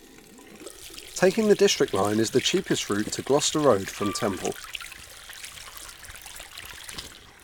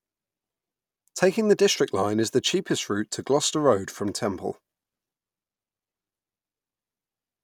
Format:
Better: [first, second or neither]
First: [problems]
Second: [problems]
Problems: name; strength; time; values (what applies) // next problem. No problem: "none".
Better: second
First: background sound (Piano + Sink (filling or washing) / Water); 14 dB below the speech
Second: none